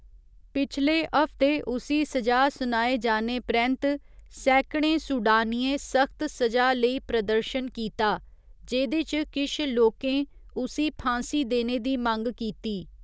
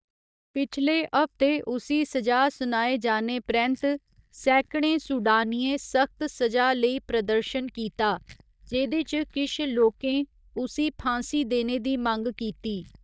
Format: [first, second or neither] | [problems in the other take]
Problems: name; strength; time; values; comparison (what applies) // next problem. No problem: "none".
first | noise reduction (neural mask model DeepFilterNet 3)